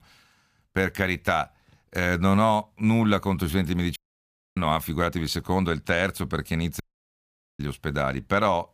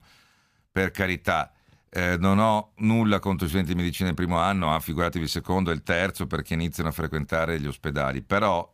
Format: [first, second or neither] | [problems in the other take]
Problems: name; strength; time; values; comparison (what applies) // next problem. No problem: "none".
second | audio cutting out; at 4 s for 0.5 s and at 7 s for 1 s